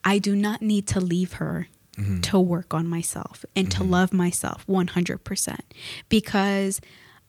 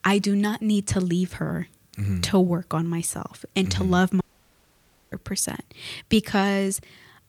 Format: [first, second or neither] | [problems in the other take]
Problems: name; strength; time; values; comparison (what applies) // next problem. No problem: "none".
first | audio cutting out; at 4 s for 1 s